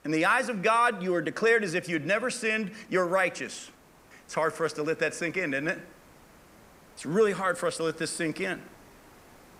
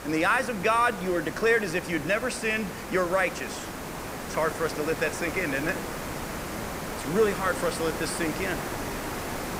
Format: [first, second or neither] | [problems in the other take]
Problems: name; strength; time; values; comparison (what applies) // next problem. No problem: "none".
first | hiss; loud; throughout; 7 dB below the speech; faint in the first